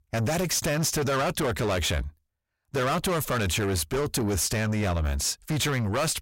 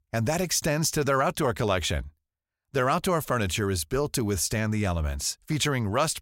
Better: second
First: distortion; heavy; 7 dB below the speech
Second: none

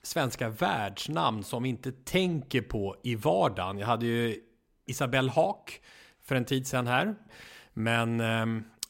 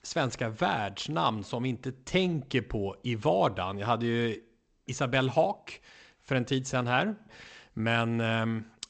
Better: first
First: none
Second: garbled, watery; slightly; nothing above 7.5 kHz

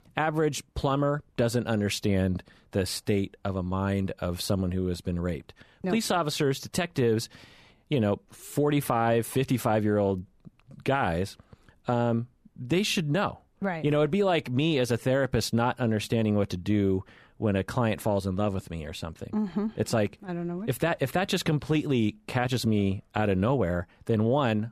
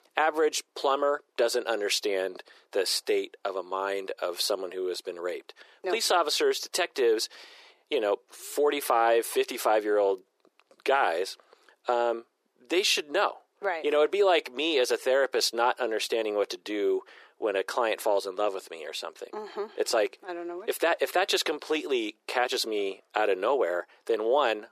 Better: first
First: none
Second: thin; very; fading below 350 Hz

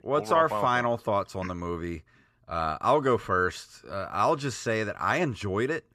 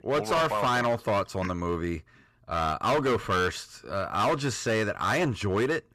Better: first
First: none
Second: distortion; heavy; 12% of the sound clipped

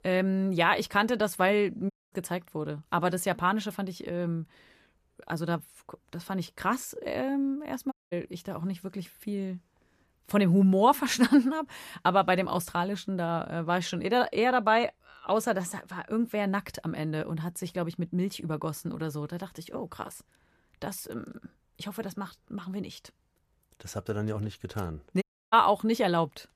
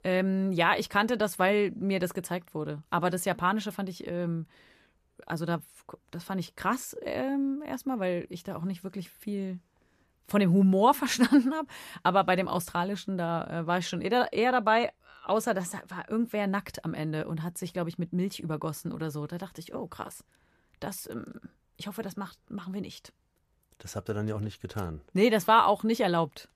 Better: second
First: audio cutting out; at 2 s, at 8 s and at 25 s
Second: none

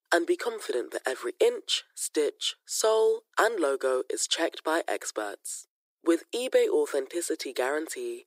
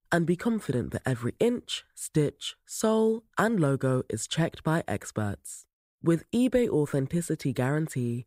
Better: second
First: thin; very; fading below 350 Hz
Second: none

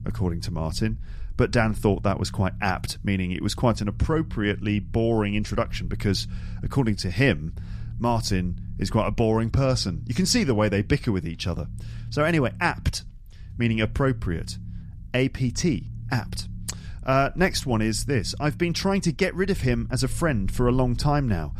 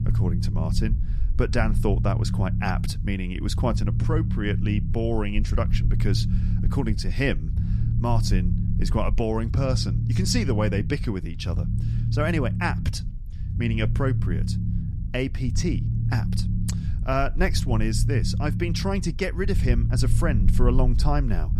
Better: first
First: low rumble; faint; throughout; 25 dB below the speech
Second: low rumble; loud; throughout; 9 dB below the speech

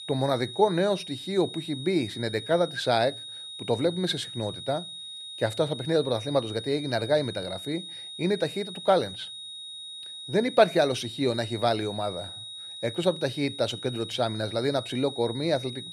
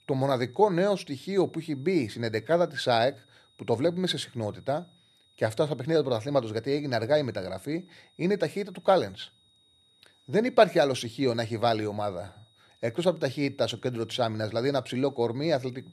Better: second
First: high-pitched whine; loud; throughout; 4 kHz, 10 dB below the speech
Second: high-pitched whine; faint; throughout; 4 kHz, 35 dB below the speech

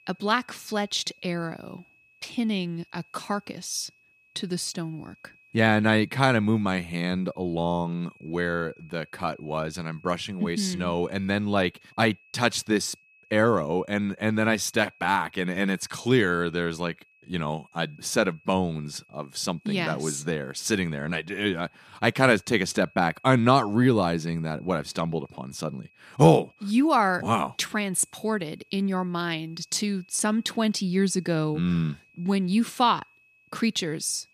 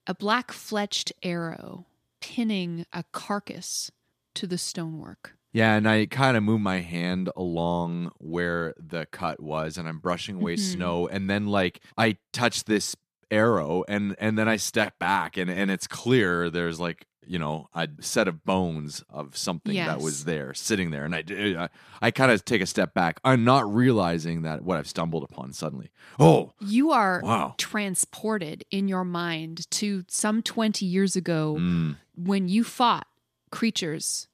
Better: second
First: high-pitched whine; faint; throughout; 2.5 kHz, 30 dB below the speech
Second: none

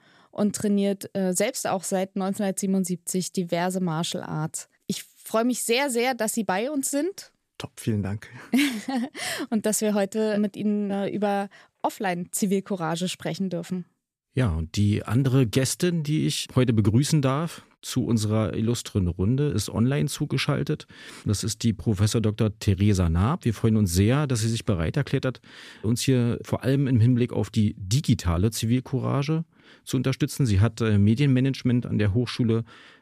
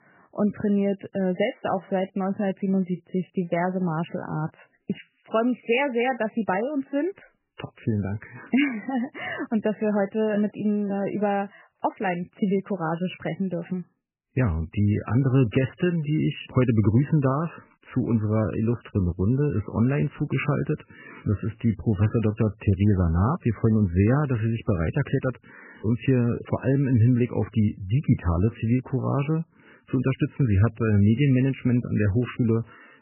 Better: first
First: none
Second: garbled, watery; badly; nothing above 3 kHz

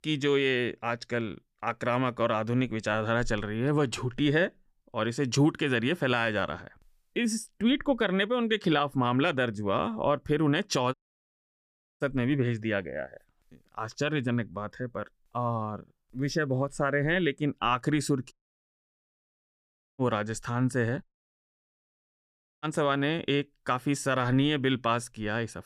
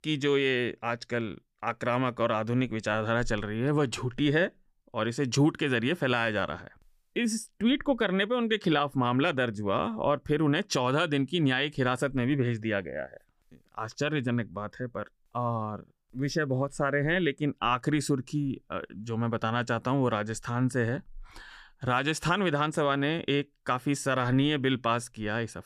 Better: second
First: audio cutting out; at 11 s for 1 s, at 18 s for 1.5 s and at 21 s for 1.5 s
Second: none

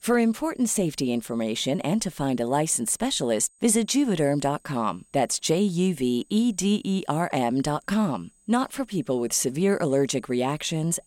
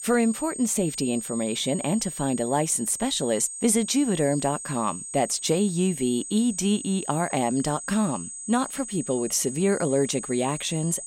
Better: first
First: high-pitched whine; faint; throughout; 8 kHz, 35 dB below the speech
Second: high-pitched whine; loud; throughout; 8 kHz, 9 dB below the speech

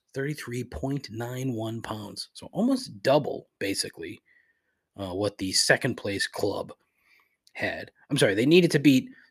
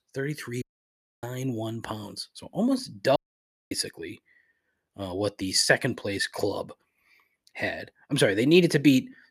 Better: first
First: none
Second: audio cutting out; at 0.5 s for 0.5 s and at 3 s for 0.5 s

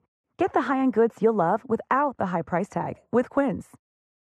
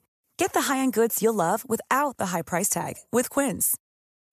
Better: second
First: muffled; very; fading above 1.5 kHz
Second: none

